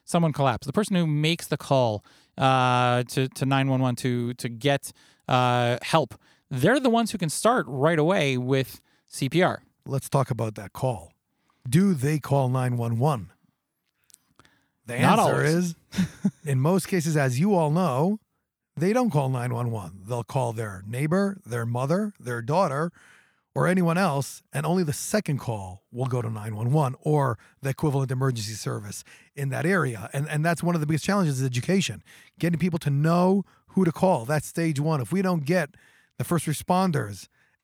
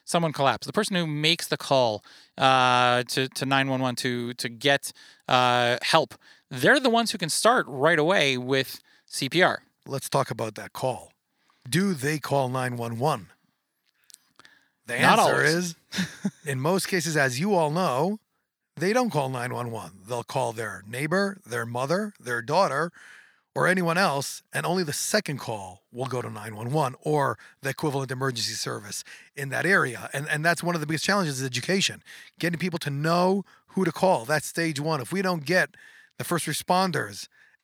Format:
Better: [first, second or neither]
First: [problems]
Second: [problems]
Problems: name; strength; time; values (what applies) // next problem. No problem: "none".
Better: first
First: none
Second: thin; very slightly; fading below 700 Hz